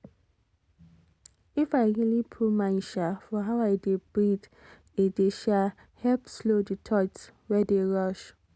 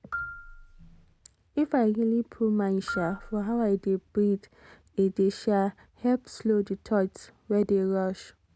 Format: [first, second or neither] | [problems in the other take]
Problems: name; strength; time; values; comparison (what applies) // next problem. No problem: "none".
first | background sound (Marimba, xylophone); 15 dB below the speech